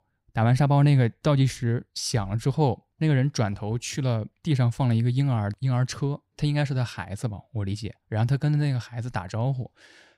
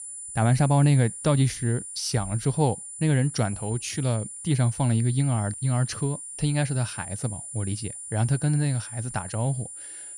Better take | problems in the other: first | high-pitched whine; loud; throughout; 9.5 kHz, 10 dB below the speech

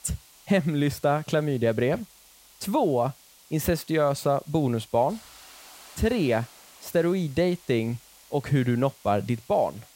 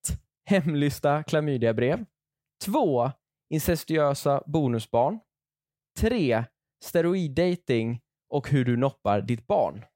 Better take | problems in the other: second | hiss; faint; throughout; 25 dB below the speech

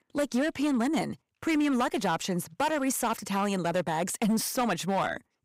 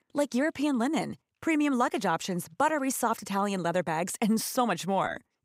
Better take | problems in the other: second | distortion; slight; 9% of the sound clipped

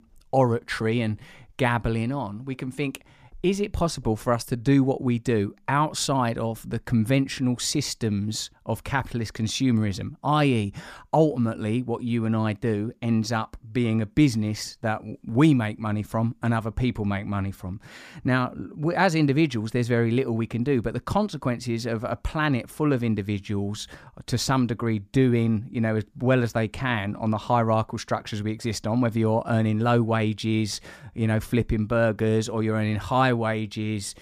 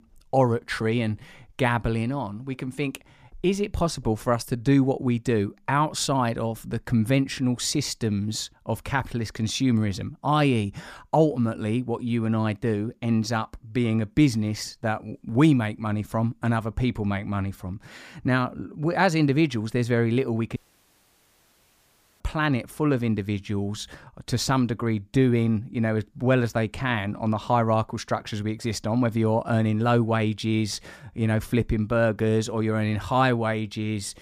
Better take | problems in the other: first | audio cutting out; at 21 s for 1.5 s

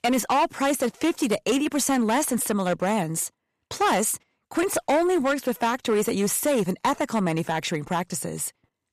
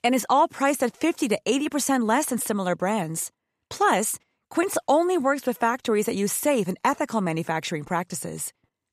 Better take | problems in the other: second | distortion; slight; 9% of the sound clipped

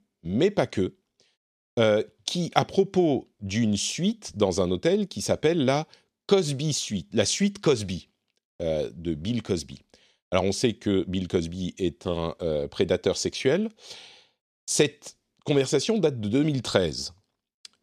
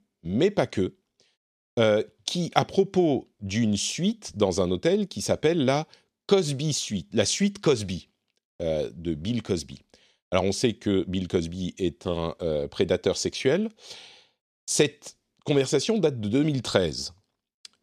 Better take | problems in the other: neither | none

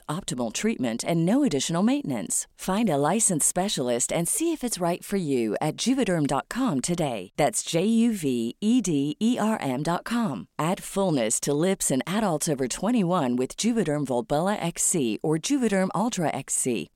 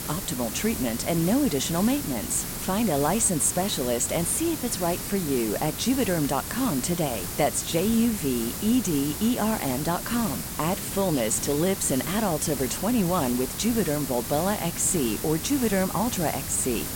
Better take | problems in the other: first | hiss; loud; throughout; 6 dB below the speech

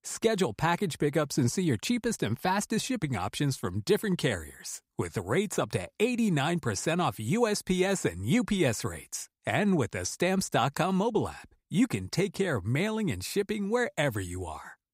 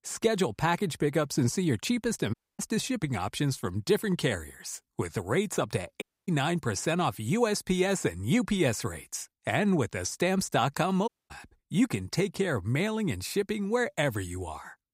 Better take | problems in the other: first | audio cutting out; at 2.5 s, at 6 s and at 11 s

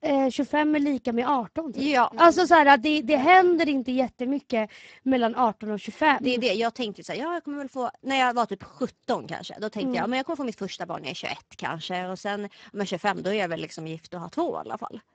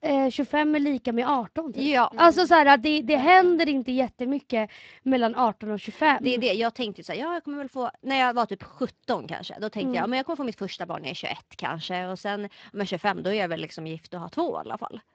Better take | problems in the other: second | garbled, watery; badly; nothing above 7.5 kHz; slightly in the second

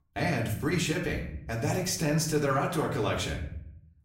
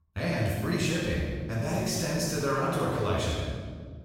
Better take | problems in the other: first | room echo; strong; dies away in 1.6 s; slight in the first // off-mic speech; far; far in the first

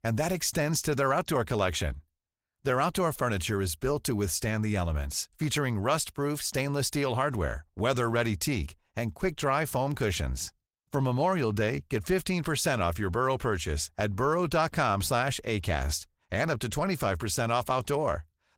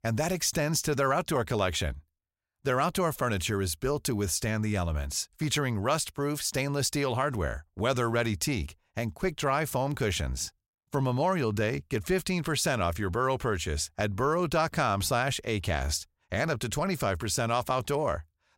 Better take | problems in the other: second | garbled, watery; slightly; nothing above 16 kHz

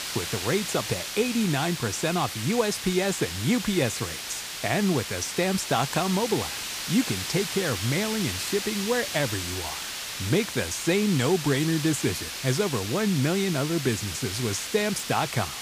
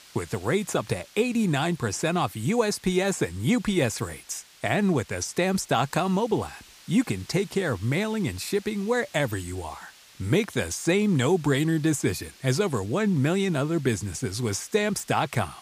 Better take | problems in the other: second | hiss; loud; throughout; 5 dB below the speech; faint in the second

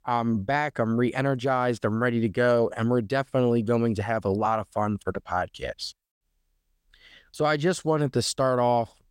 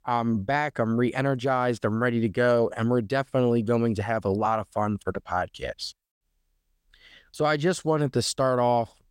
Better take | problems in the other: neither | none

